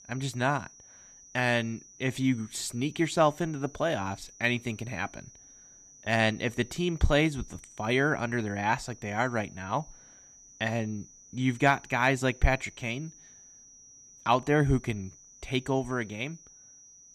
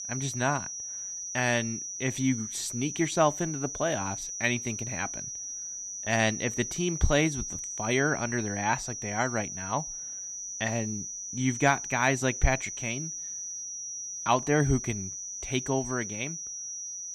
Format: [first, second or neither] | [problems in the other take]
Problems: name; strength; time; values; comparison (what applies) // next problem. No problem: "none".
first | high-pitched whine; loud; throughout; 6 kHz, 5 dB below the speech; faint in the first